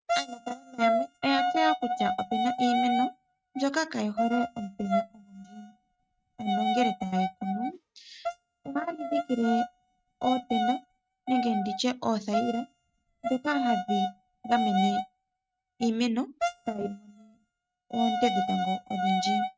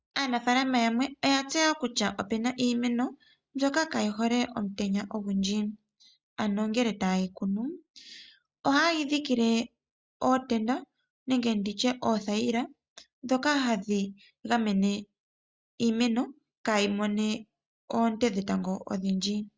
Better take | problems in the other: second | noise reduction (neural mask model RNNoise)

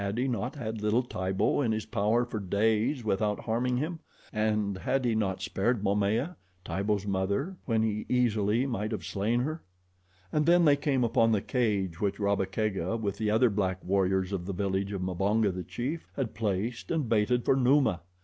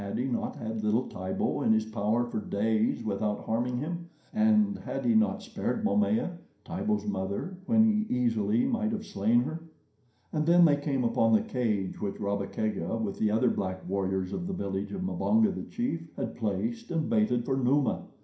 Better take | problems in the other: first | room echo; dies away in 0.5 s

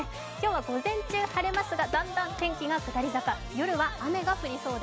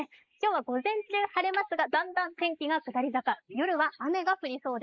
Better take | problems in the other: first | noise reduction (neural mask model Resemble Enhance denoiser)

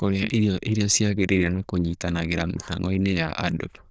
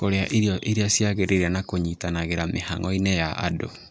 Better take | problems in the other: second | noise reduction (neural diffusion model UNIVERSE++)

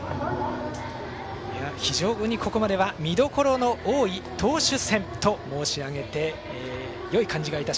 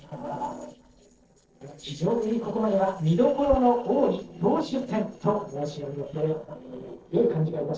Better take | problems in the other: first | noise reduction (neural separator model SepFormer DNS4)

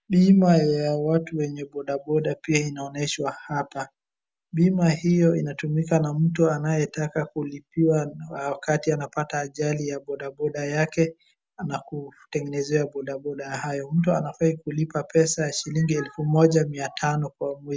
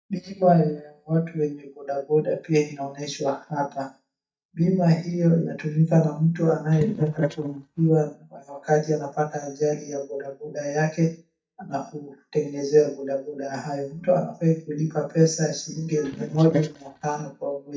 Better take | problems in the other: first | noise reduction (neural mask model DeepFilterNet 3)

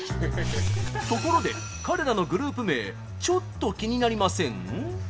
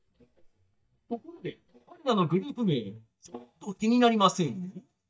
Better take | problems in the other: first | noise reduction (neural mask model DeepFilterNet 3)

